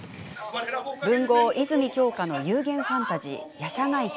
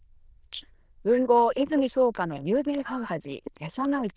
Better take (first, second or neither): first